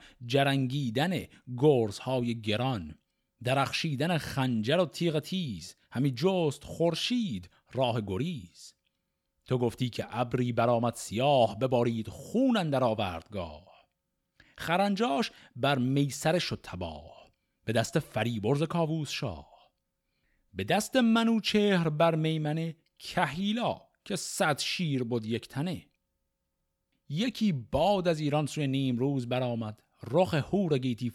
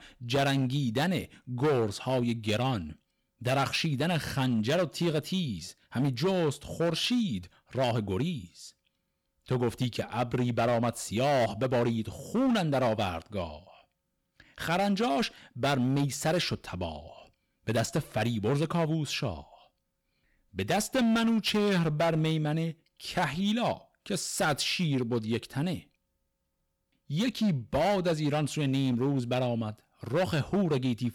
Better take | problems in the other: first | distortion; slight; 8% of the sound clipped

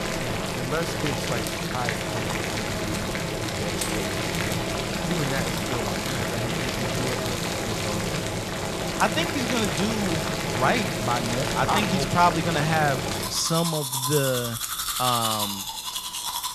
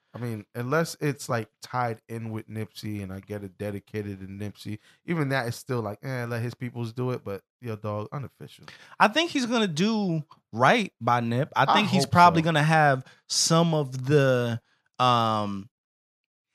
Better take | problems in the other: second | household noises; very loud; throughout; 1 dB above the speech

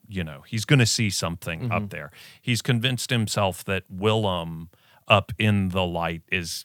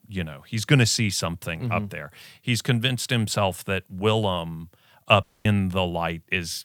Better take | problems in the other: first | audio cutting out; at 5 s

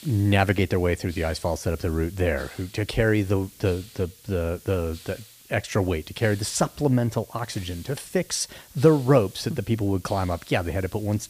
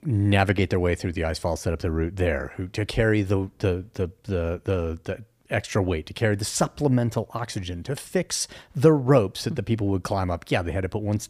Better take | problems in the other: second | hiss; faint; throughout; 20 dB below the speech

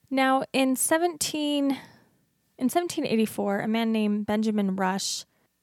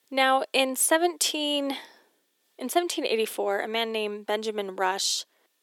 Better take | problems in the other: first | thin; somewhat; fading below 350 Hz

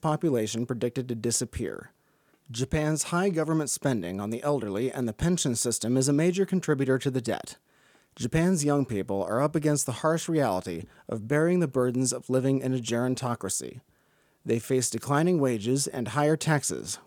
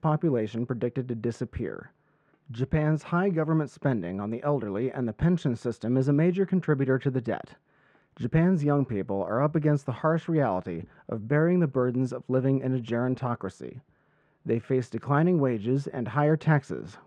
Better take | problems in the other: first | muffled; very; fading above 1.5 kHz

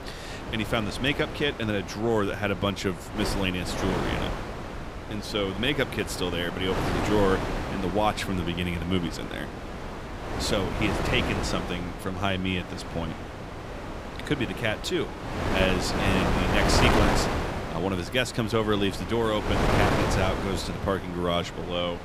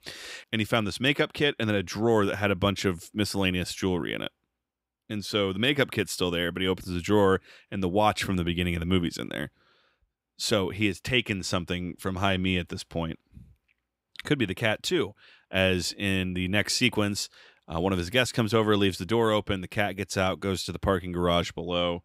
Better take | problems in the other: second | wind noise on the microphone; heavy; 3 dB below the speech

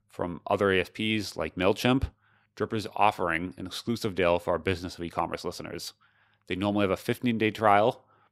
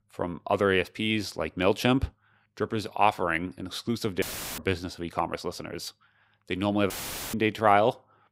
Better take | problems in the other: first | audio cutting out; filled with static; at 4 s and at 7 s

